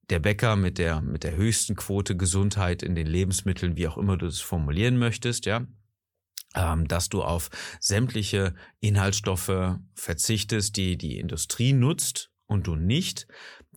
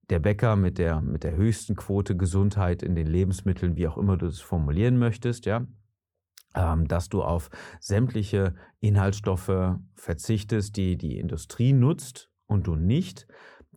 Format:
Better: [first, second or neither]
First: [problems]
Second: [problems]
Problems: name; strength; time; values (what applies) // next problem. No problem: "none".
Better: first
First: none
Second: muffled; slightly; fading above 2 kHz